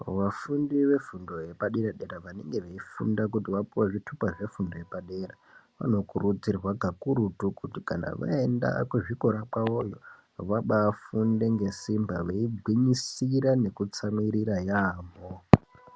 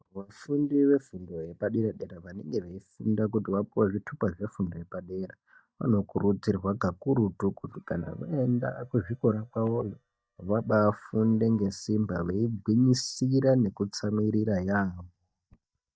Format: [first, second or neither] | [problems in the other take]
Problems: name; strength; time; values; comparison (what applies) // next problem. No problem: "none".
first | noise reduction (neural mask model DeepFilterNet 3)